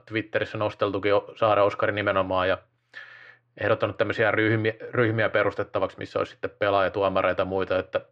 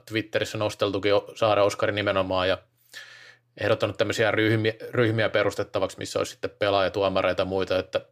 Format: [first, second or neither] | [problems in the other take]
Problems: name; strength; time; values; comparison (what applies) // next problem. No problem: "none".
second | muffled; slightly; fading above 2 kHz